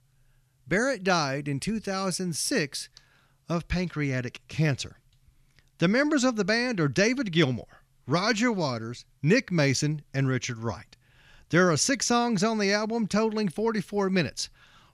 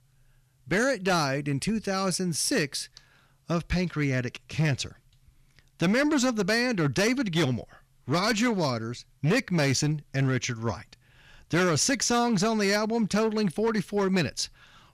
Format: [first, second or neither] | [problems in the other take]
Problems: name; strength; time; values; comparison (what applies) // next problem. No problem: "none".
first | distortion; slight; 7% of the sound clipped